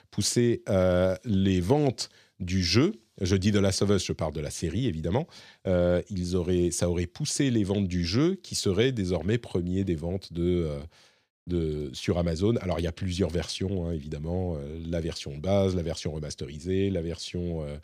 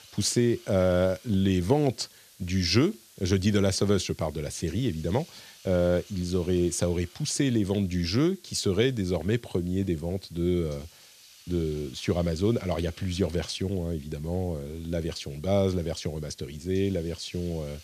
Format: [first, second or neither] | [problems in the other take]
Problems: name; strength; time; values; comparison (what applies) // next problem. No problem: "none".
first | hiss; faint; throughout; 25 dB below the speech